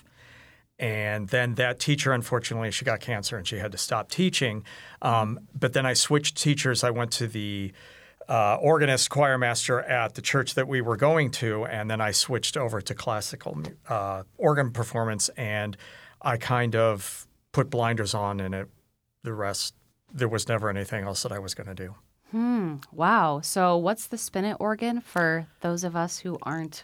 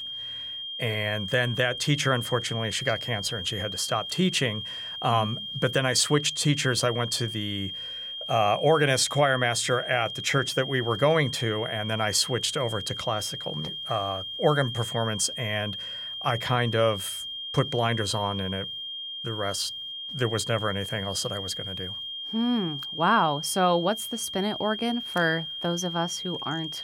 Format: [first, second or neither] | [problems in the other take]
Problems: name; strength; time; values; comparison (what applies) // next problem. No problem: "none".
first | high-pitched whine; loud; throughout; 3 kHz, 6 dB below the speech